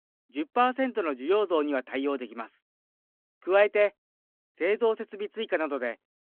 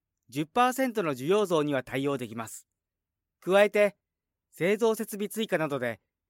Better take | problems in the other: second | phone-call audio

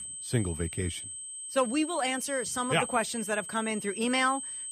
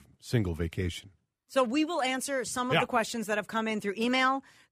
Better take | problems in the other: second | high-pitched whine; loud; throughout; 8 kHz, 7 dB below the speech

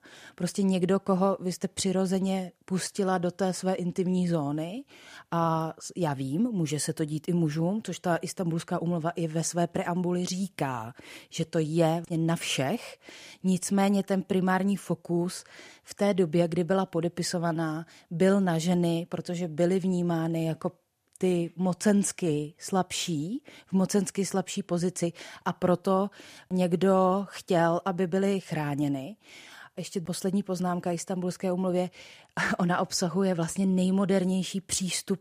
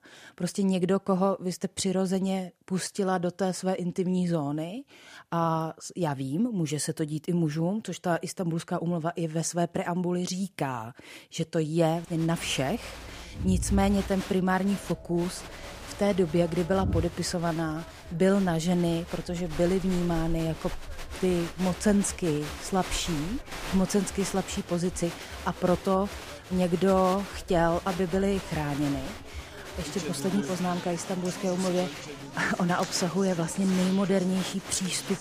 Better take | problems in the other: first | crowd noise; noticeable; from 12 s on; 10 dB below the speech

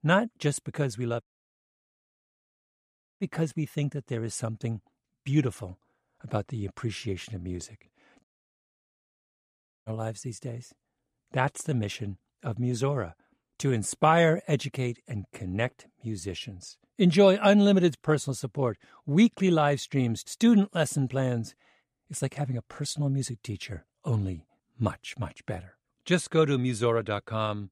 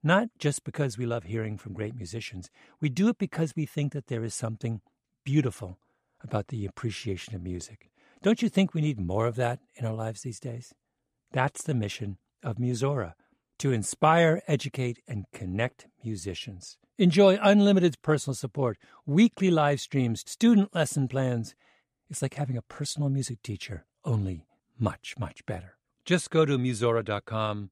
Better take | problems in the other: second | audio cutting out; at 1 s for 2 s and at 8 s for 1.5 s

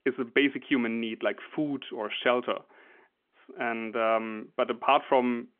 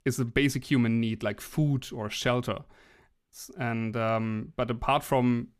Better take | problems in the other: second | phone-call audio; nothing above 3.5 kHz

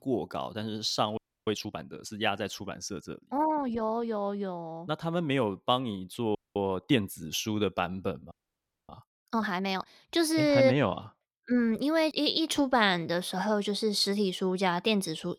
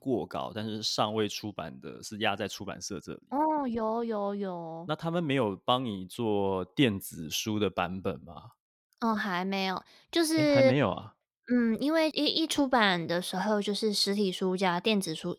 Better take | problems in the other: second | audio freezing; at 1 s, at 6.5 s and at 8.5 s for 0.5 s

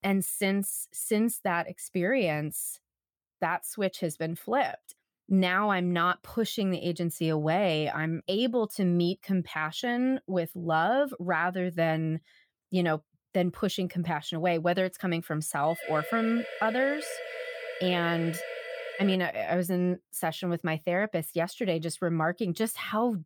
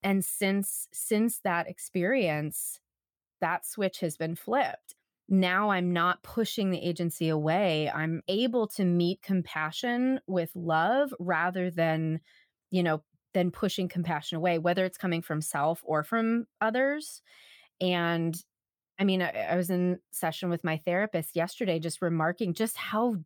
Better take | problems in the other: second | siren; noticeable; from 16 to 19 s; peak 8 dB below the speech

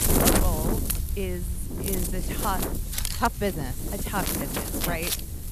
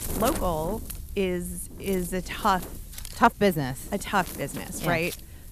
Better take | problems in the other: second | wind noise on the microphone; heavy; 1 dB above the speech; occasional gusts in the second

